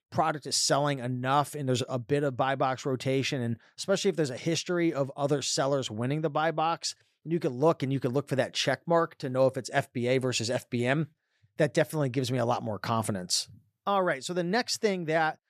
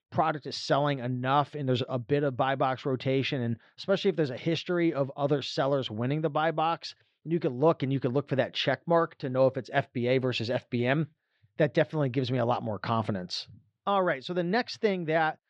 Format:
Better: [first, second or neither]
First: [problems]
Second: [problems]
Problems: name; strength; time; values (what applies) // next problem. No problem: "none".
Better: first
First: none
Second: muffled; slightly; fading above 4 kHz